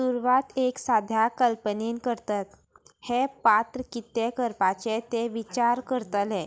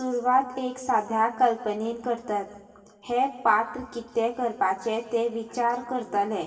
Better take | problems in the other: first | room echo; dies away in 1.6 s

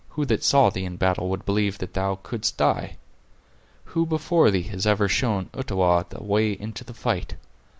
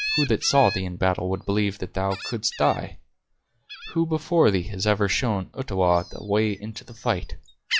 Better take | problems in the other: first | noise reduction (classical method log-MMSE)

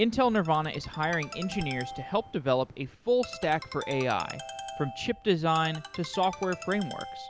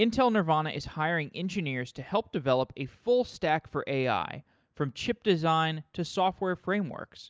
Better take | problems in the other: second | background sound (Ringtone); 13 dB below the speech

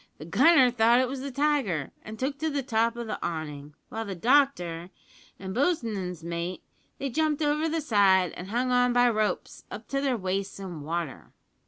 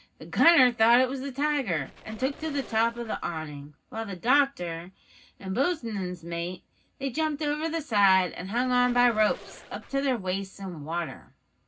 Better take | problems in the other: first | background sound (Squeak); 20 dB below the speech // room echo; dies away in 0.4 s

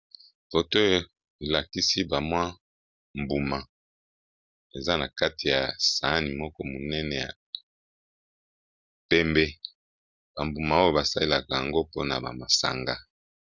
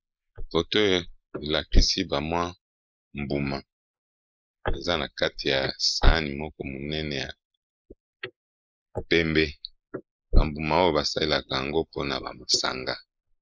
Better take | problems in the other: first | noise reduction (neural mask model Resemble Enhance denoiser)

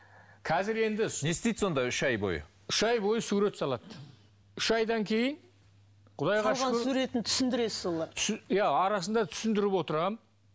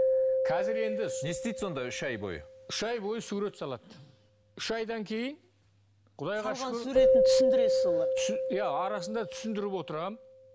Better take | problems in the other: first | background sound (Keyboard (musical)); 5 dB above the speech

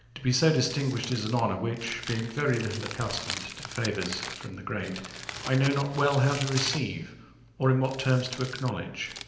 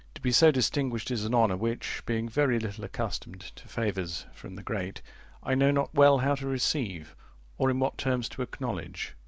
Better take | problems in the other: second | background sound (Crumpling, crinkling); 11 dB below the speech // room echo; dies away in 0.8 s

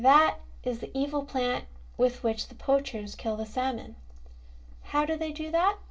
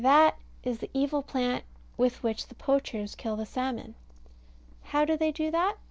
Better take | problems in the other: second | room echo; dies away in 0.2 s

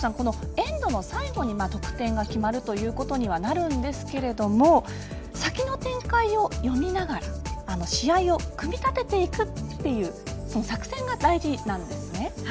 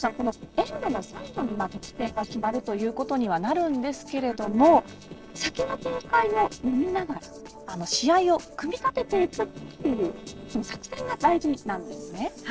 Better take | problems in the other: first | noise reduction (neural separator model SepFormer DNS4)

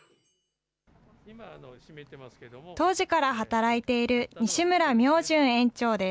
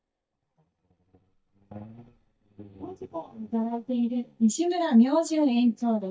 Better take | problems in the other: first | noise reduction (neural mask model DeepFilterNet 3)

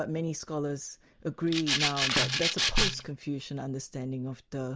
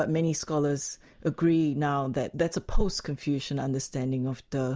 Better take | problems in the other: second | background sound (Rattle (instrument)); 4 dB above the speech

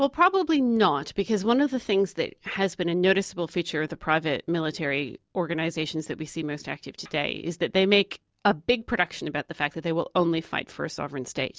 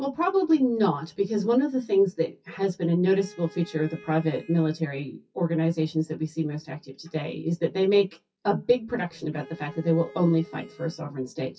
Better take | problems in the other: first | noise reduction (classical method WPE with log-MMSE)

